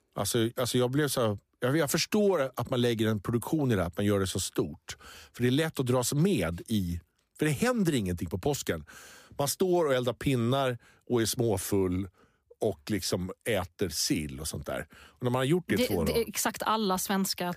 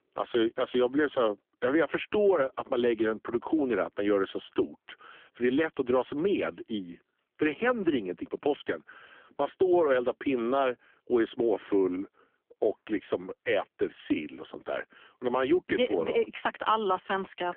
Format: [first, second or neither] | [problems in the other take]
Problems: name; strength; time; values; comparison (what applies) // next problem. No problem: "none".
first | phone-call audio; poor line; nothing above 3.5 kHz